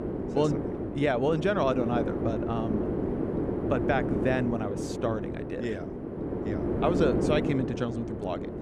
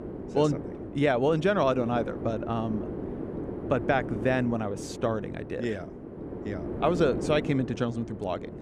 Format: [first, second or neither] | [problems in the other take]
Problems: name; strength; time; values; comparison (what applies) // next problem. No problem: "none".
second | wind noise on the microphone; heavy; 4 dB below the speech; occasional gusts in the second